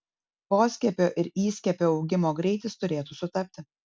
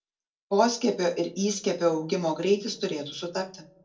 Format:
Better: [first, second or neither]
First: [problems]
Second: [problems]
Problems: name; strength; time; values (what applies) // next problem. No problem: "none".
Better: first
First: none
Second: room echo; dies away in 0.2 s